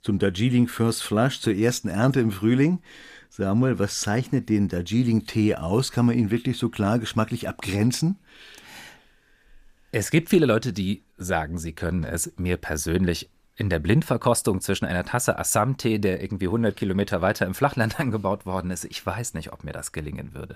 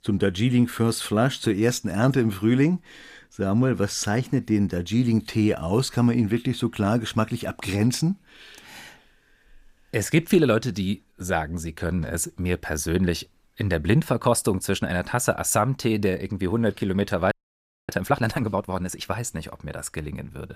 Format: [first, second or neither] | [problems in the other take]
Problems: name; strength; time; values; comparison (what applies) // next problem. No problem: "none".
first | audio freezing; at 17 s for 0.5 s